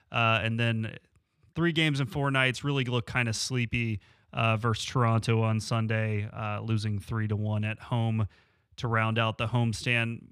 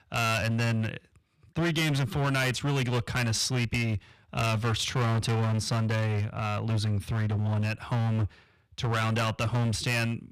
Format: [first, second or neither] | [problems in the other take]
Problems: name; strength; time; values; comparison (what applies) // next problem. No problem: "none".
first | distortion; heavy; 23% of the sound clipped